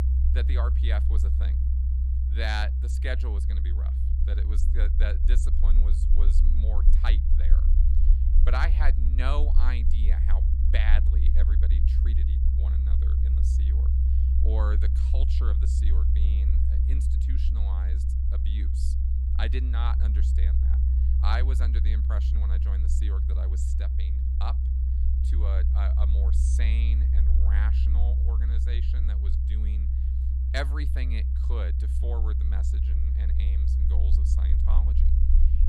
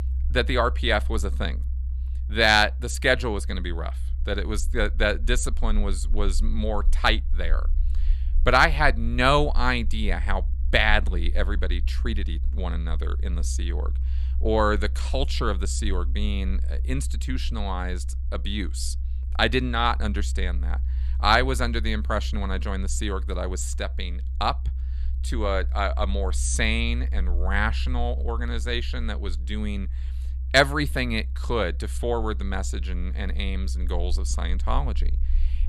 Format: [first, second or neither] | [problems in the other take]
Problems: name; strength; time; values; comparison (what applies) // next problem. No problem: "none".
second | low rumble; loud; throughout; 5 dB below the speech; faint in the second